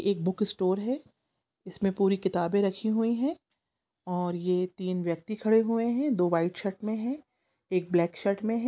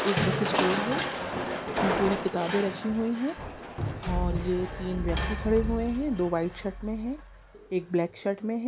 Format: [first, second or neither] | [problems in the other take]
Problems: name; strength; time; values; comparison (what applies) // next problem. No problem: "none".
first | background sound (Crushing); 2 dB below the speech